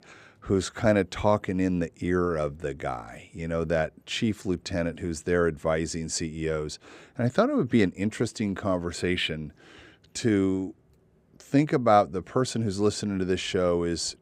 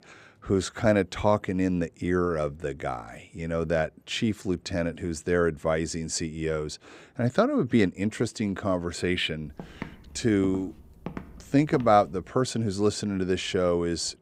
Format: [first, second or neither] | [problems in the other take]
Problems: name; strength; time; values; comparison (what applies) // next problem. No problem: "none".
first | footsteps; faint; from 9.5 to 12 s; peak 10 dB below the speech